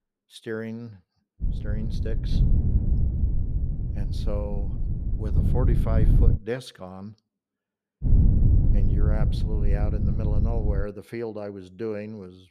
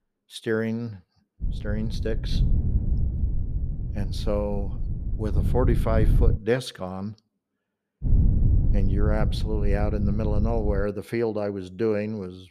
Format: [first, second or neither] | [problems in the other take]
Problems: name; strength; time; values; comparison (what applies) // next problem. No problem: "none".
second | wind noise on the microphone; heavy; from 1.5 to 6.5 s and from 8 to 11 s; 3 dB below the speech; occasional gusts in the second